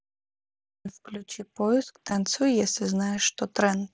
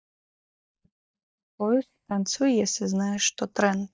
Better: first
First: none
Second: noise reduction (neural mask model DeepFilterNet 3)

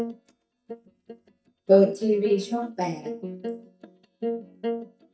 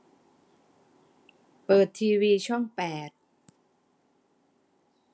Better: second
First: noise reduction (neural mask model DeepFilterNet 3)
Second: none

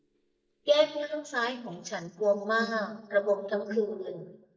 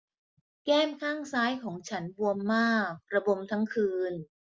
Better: second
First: noise reduction (neural mask model DeepFilterNet 3)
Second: none

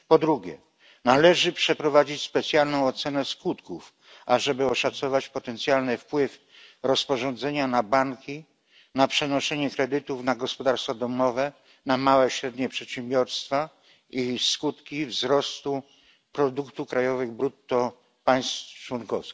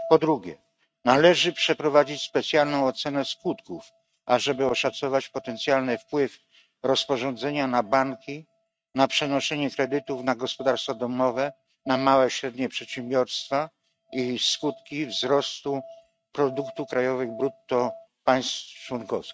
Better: first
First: none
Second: noise reduction (neural mask model RNNoise)

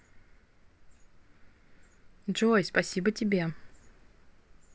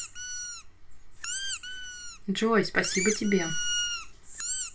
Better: first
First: none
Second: background sound (Squeak); 4 dB below the speech // room echo; dies away in 0.2 s

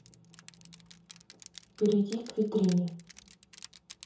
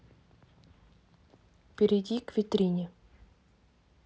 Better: second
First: background sound (Crushing); 20 dB below the speech // room echo; dies away in 0.7 s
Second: none

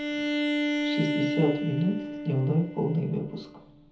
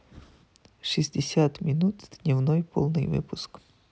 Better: second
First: background sound (Bowed string instrument); 1 dB below the speech // room echo; dies away in 0.7 s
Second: none

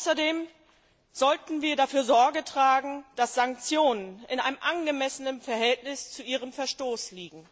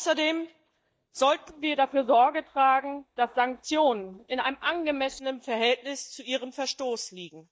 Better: first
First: none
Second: noise reduction (neural mask model DeepFilterNet 3)

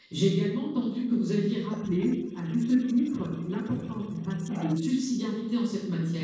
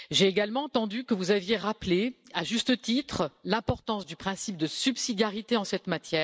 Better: second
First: noise reduction (neural separator model SepFormer DNS4)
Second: none

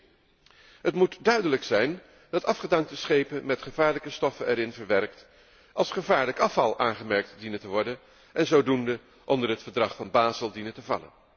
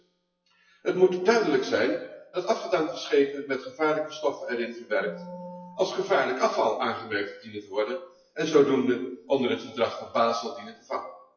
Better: first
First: none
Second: noise reduction (classical method WPE with log-MMSE)

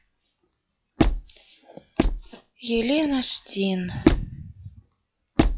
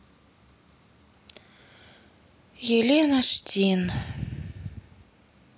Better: second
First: noise reduction (classical method log-MMSE)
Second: none

